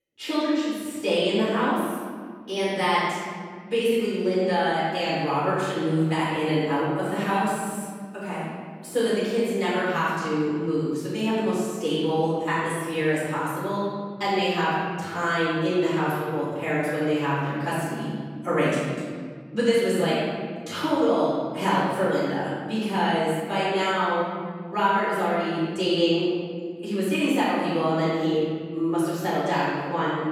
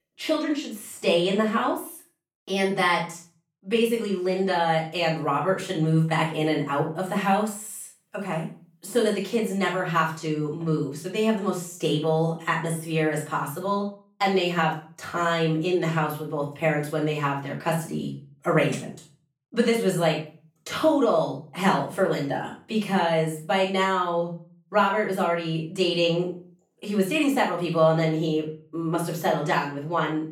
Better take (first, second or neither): second